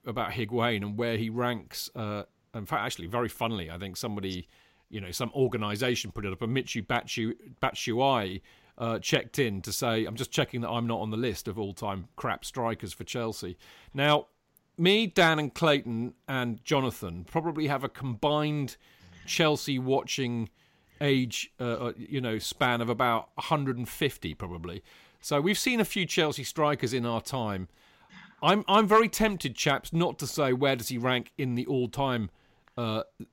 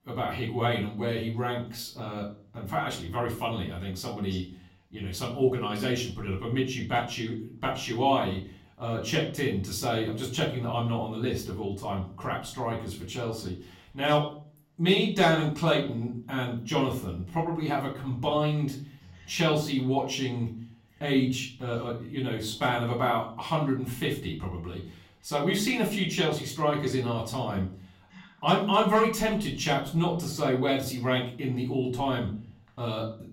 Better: first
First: none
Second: room echo; slight; dies away in 0.4 s // off-mic speech; far

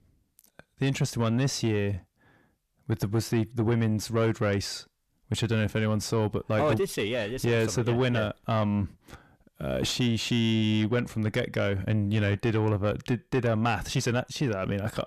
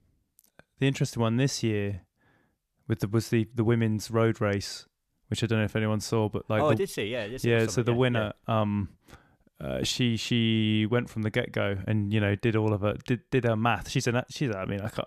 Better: second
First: distortion; slight; 10 dB below the speech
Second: none

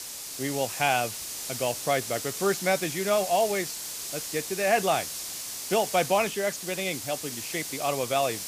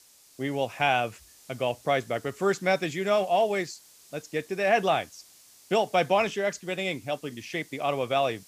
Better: second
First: hiss; loud; throughout; 5 dB below the speech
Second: hiss; faint; throughout; 25 dB below the speech

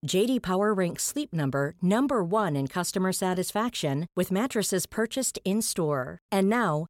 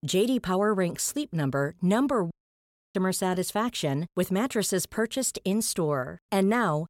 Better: first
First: none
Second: audio cutting out; at 2.5 s for 0.5 s

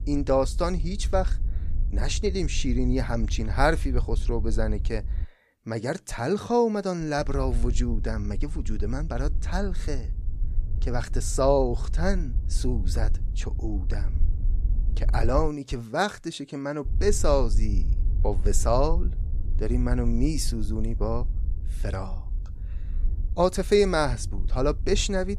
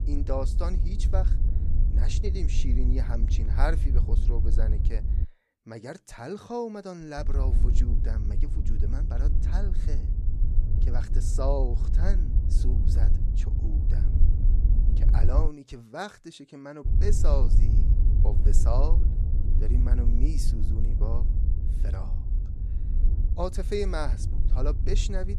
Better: first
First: low rumble; faint; until 5 s, from 7 to 15 s and from 17 s on; 20 dB below the speech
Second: low rumble; loud; until 5 s, from 7 to 15 s and from 17 s on; 8 dB below the speech

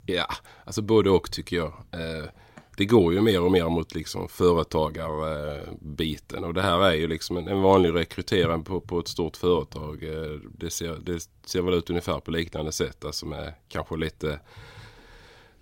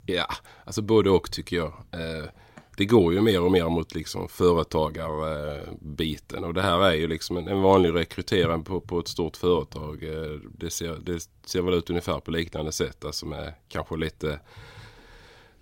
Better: neither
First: none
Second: none

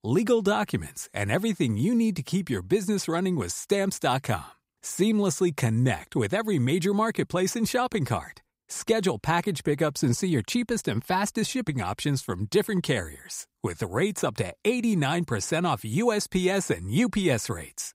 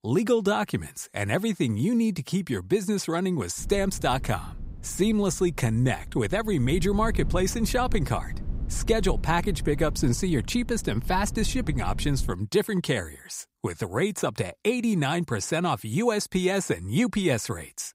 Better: first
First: none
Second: low rumble; faint; from 3.5 to 12 s; 20 dB below the speech

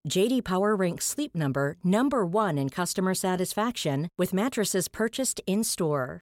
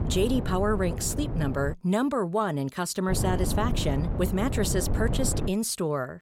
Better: first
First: none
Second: wind noise on the microphone; heavy; until 1.5 s and from 3 to 5.5 s; 9 dB below the speech

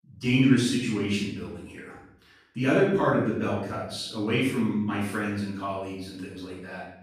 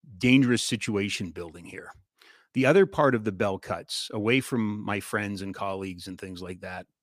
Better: second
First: off-mic speech; far // room echo; noticeable; dies away in 0.7 s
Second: none

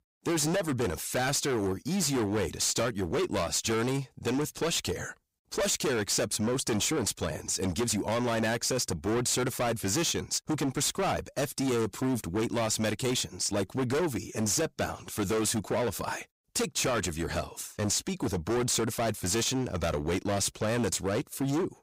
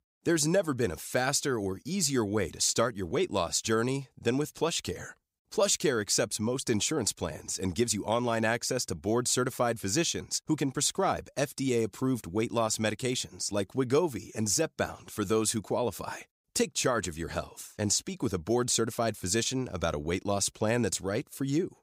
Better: second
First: distortion; heavy; 24% of the sound clipped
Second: none

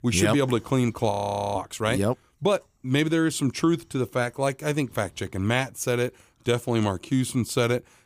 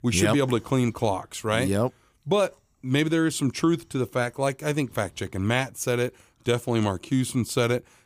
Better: second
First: audio freezing; at 1 s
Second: none

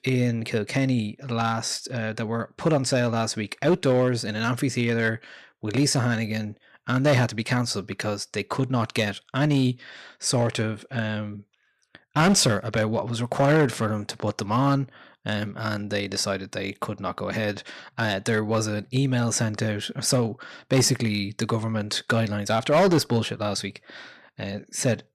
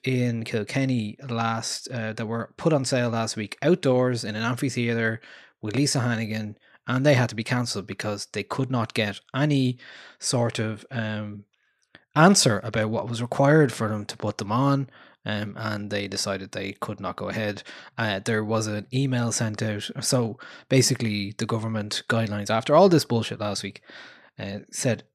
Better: second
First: distortion; slight; 3% of the sound clipped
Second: none

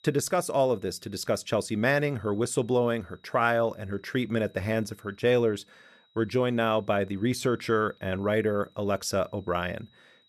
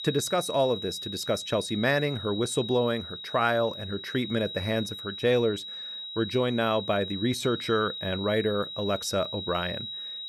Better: first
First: high-pitched whine; faint; throughout; 4 kHz, 35 dB below the speech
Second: high-pitched whine; loud; throughout; 4 kHz, 7 dB below the speech

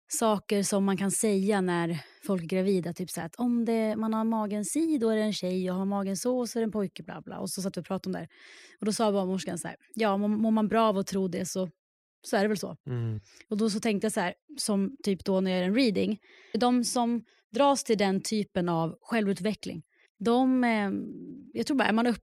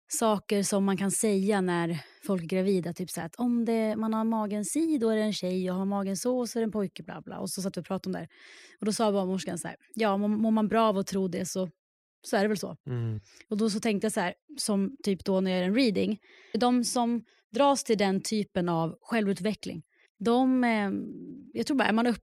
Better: neither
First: none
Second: none

